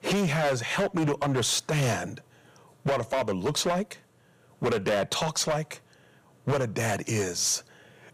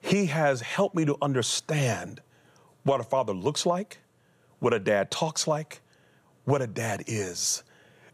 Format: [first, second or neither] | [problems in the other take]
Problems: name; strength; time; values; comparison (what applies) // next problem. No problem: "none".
second | distortion; heavy; 13% of the sound clipped